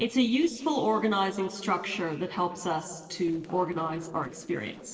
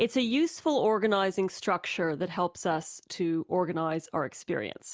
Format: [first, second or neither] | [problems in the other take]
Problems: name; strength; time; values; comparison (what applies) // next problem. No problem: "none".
second | noise reduction (neural separator model SepFormer DNS4)